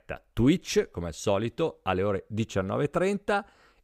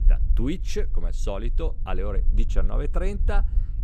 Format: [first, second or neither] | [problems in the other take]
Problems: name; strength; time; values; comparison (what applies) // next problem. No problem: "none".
first | low rumble; noticeable; throughout; 15 dB below the speech